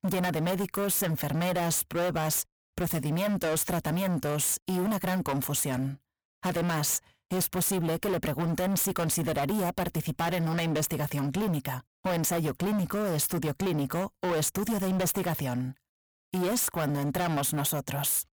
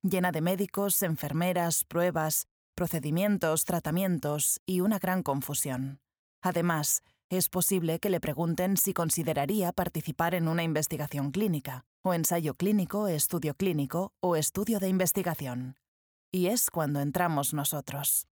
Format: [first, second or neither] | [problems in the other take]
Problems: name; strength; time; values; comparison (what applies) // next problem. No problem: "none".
second | distortion; heavy; 29% of the sound clipped